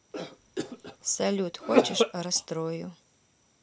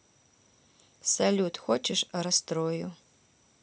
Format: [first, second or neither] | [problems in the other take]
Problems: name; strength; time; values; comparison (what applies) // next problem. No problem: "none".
second | background sound (Cough); 2 dB above the speech